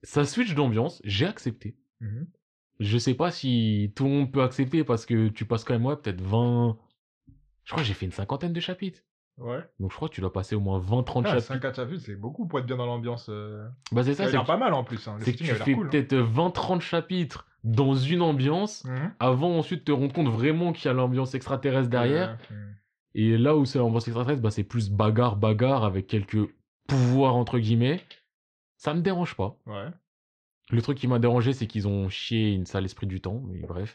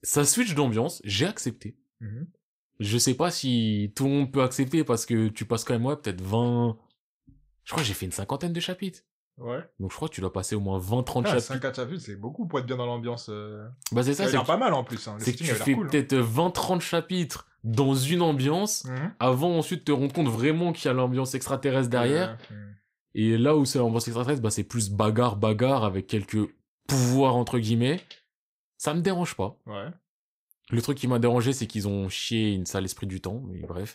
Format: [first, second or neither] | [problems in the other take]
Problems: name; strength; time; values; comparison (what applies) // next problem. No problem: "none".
second | muffled; slightly; fading above 4 kHz